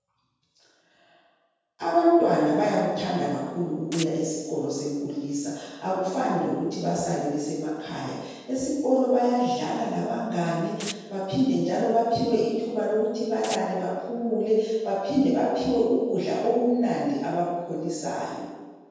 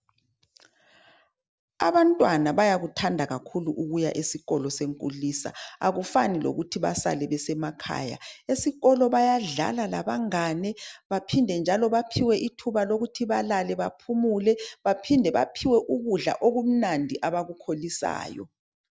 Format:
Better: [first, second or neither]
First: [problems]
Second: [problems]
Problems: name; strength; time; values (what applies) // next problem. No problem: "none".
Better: second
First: background sound (Domestic sounds, home sounds); 15 dB below the speech // room echo; dies away in 1.2 s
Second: none